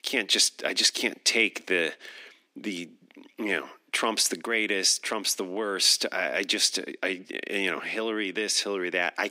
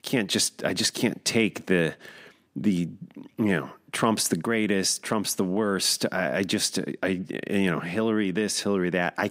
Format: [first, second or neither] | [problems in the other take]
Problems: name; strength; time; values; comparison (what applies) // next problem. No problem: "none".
second | thin; somewhat; fading below 300 Hz